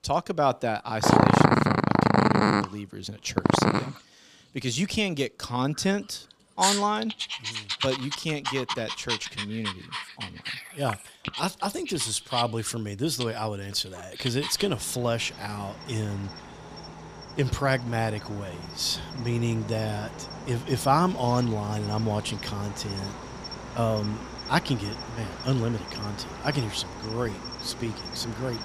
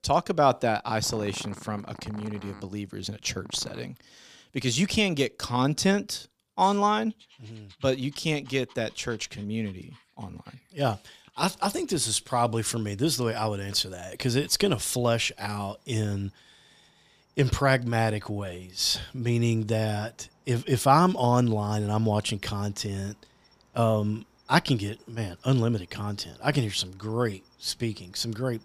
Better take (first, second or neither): second